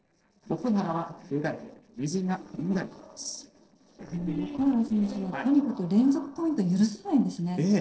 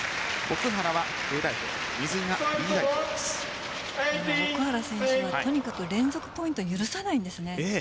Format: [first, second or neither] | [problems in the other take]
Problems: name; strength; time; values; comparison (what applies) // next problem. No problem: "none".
second | noise reduction (neural separator model SepFormer DNS4)